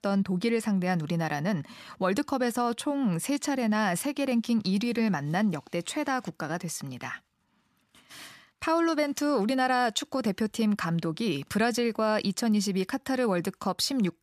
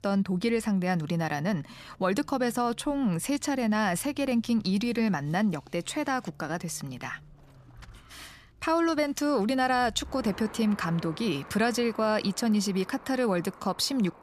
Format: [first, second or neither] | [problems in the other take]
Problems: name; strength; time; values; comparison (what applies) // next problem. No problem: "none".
first | traffic noise; faint; throughout; 20 dB below the speech